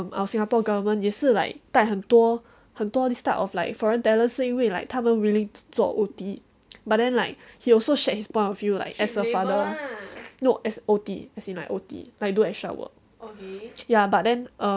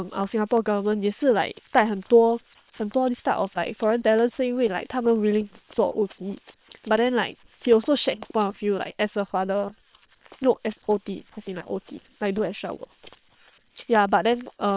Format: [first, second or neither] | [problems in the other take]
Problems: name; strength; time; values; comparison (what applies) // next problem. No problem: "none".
first | noise reduction (neural separator model SepFormer WHAM!)